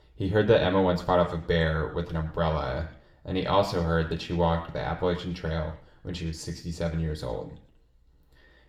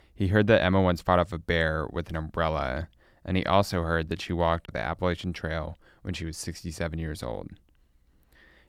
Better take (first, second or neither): second